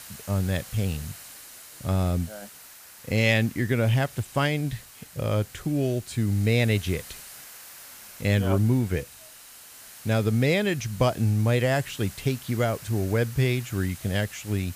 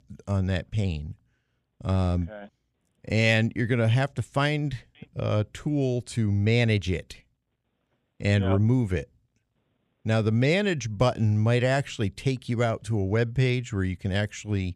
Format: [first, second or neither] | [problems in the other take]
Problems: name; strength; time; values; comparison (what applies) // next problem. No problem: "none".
second | hiss; noticeable; throughout; 15 dB below the speech